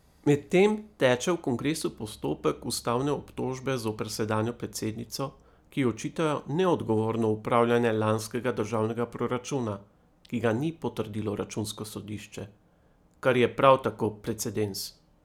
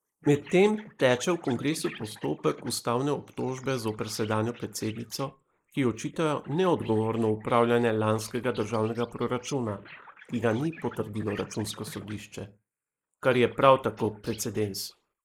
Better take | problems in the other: first | noise reduction (neural mask model Resemble Enhance denoiser)

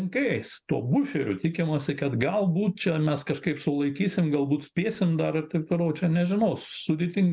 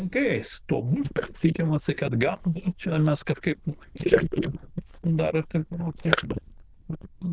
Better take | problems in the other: first | noise reduction (neural diffusion model UNIVERSE++)

